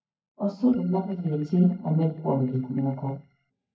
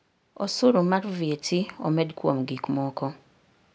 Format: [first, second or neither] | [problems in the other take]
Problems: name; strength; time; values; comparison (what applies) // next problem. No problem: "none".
second | noise reduction (neural mask model DeepFilterNet 3)